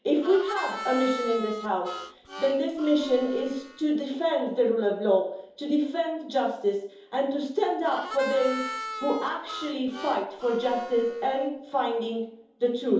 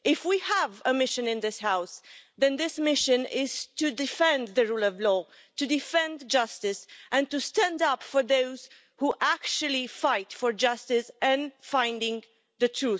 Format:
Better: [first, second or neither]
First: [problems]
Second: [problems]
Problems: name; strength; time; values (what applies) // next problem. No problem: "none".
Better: second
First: background sound (Harmonica); 11 dB below the speech // room echo; dies away in 2.8 s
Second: none